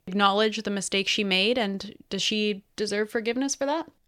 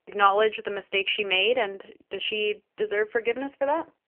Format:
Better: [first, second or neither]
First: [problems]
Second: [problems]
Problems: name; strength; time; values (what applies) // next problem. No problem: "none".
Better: first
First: none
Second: phone-call audio; poor line; nothing above 3 kHz